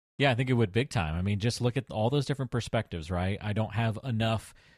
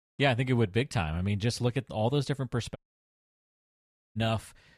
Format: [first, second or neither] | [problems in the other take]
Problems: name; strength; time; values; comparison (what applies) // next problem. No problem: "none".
first | audio cutting out; at 3 s for 1.5 s